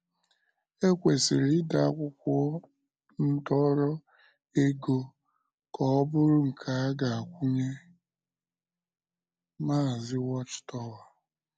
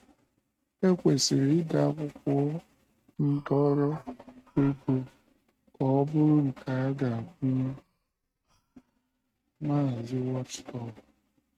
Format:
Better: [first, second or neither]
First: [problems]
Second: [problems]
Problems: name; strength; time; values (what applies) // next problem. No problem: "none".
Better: first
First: none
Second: noise reduction (neural mask model RNNoise)